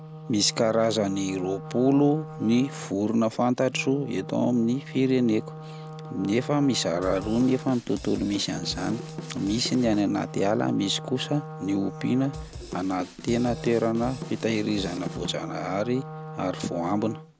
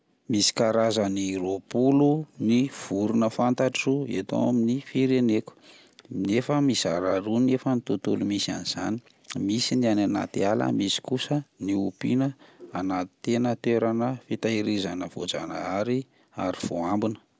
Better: second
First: background sound (Wind instrument, woodwind instrument + Drum / Drum kit); 12 dB below the speech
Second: none

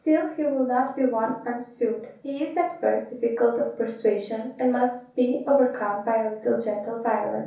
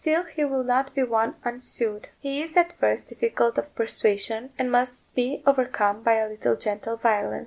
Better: second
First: room echo; dies away in 0.6 s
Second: none

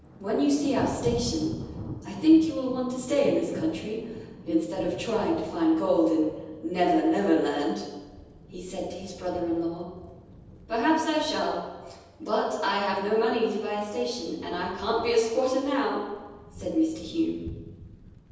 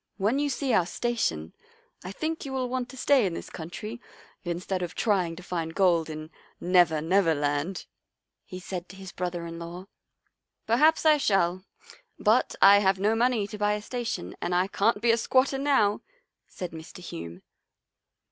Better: second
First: background sound (Thunder); 16 dB below the speech // room echo; dies away in 1.1 s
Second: none

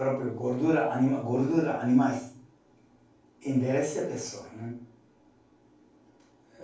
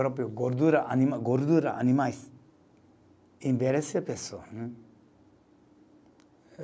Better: second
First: room echo; dies away in 0.3 s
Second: none

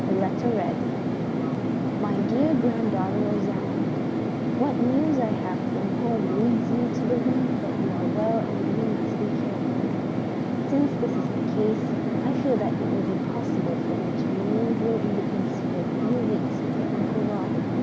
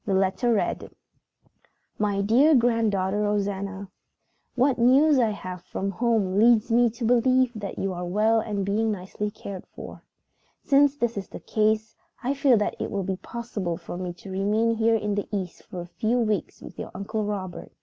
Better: second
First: background sound (Fixed-wing aircraft, airplane); 3 dB above the speech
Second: none

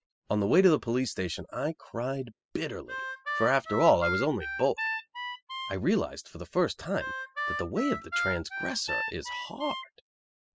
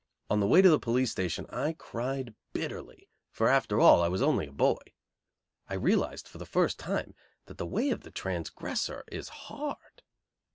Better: second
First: noise reduction (classical method spectral subtraction)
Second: none

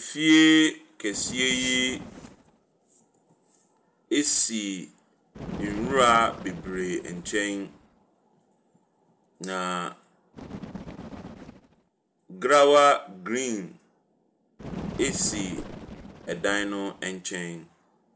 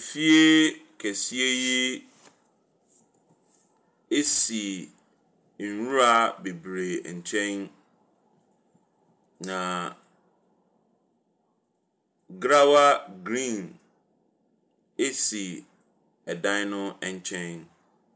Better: second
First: background sound (Whoosh, swoosh, swish + Bird); 15 dB below the speech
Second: none

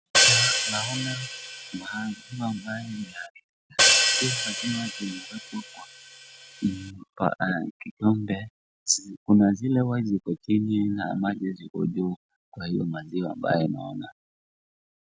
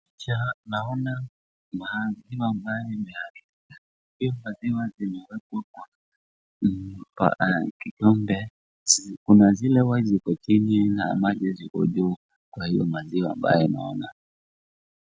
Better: second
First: background sound (Hi-hat); 2 dB above the speech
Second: none

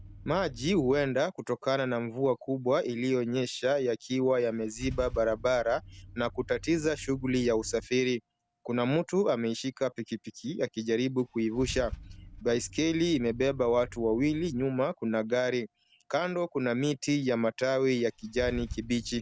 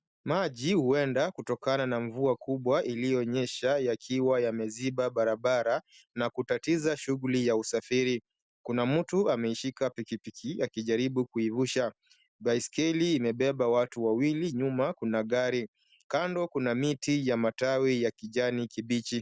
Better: second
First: background sound (Idling / Engine starting / Car); 18 dB below the speech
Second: none

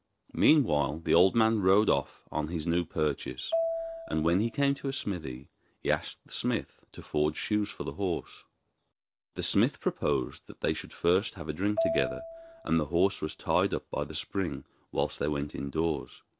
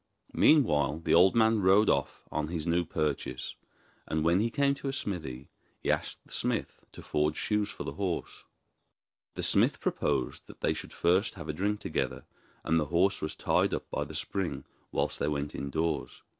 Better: second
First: background sound (Marimba, xylophone); 8 dB below the speech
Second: none

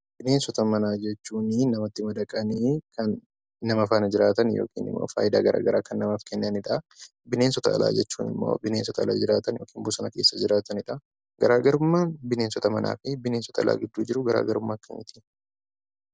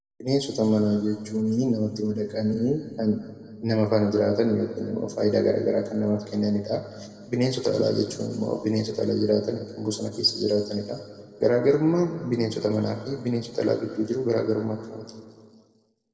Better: first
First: none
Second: room echo; dies away in 2.1 s

